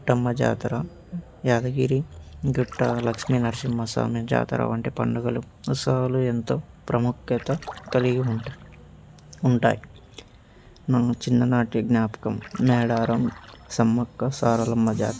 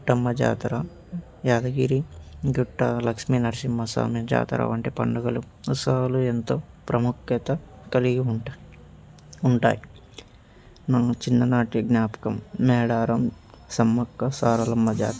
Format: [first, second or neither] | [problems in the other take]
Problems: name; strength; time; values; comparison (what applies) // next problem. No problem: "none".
second | background sound (Splash, splatter); 17 dB below the speech